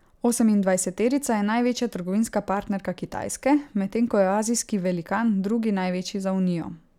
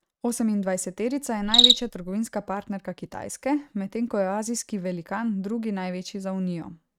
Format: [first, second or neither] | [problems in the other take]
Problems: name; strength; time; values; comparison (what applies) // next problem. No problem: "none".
first | noise reduction (neural mask model RNNoise)